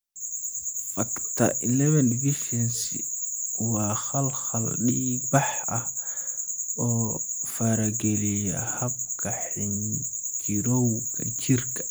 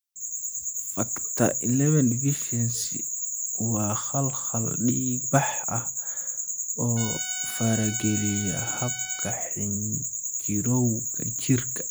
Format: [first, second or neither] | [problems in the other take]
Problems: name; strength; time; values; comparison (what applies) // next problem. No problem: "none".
first | background sound (Trumpet); 13 dB below the speech